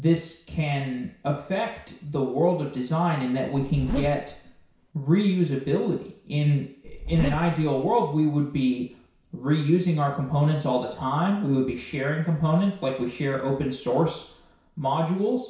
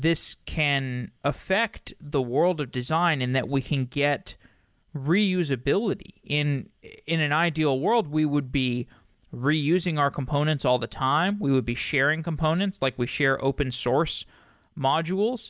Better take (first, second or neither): second